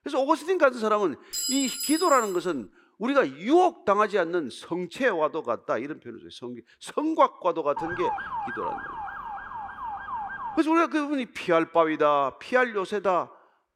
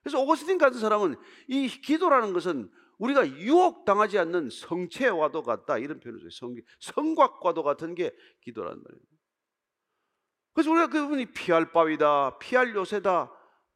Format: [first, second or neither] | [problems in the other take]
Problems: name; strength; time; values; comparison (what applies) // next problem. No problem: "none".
second | clattering dishes; noticeable; at 1.5 s; peak 2 dB below the speech // siren; noticeable; from 8 to 11 s; peak 5 dB below the speech